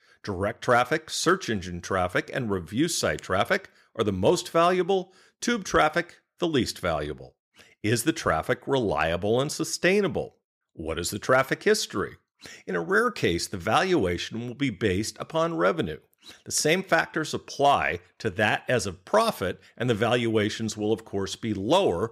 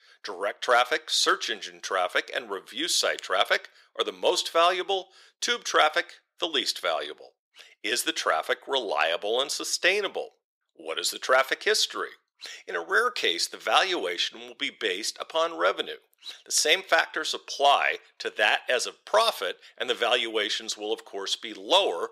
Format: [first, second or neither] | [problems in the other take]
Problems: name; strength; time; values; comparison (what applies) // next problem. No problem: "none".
first | thin; very; fading below 450 Hz